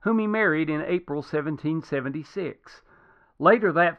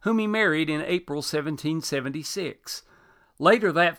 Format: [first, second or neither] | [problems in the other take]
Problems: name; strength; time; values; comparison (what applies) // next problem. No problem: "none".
second | muffled; very; fading above 1.5 kHz